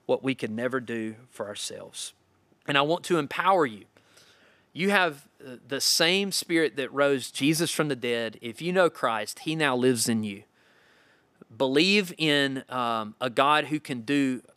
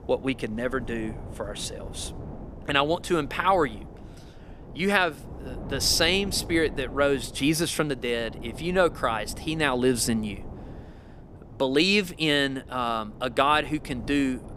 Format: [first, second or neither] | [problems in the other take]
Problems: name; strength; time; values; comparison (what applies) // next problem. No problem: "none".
first | wind noise on the microphone; occasional gusts; 20 dB below the speech